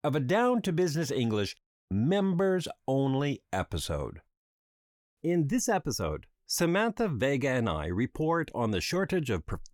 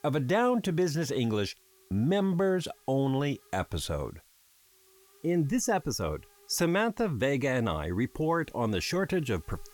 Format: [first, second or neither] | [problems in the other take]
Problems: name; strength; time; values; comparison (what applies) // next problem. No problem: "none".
first | hiss; faint; throughout; 30 dB below the speech